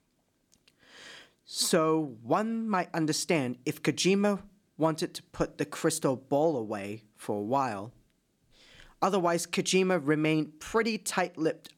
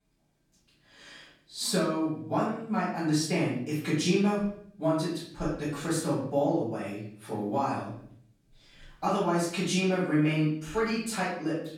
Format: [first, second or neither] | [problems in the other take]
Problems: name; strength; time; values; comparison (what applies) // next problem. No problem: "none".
first | room echo; noticeable; dies away in 0.6 s // off-mic speech; far